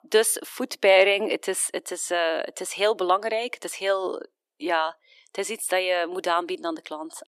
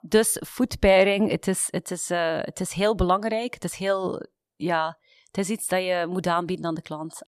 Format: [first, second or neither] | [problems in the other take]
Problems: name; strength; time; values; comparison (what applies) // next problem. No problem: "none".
second | thin; somewhat; fading below 300 Hz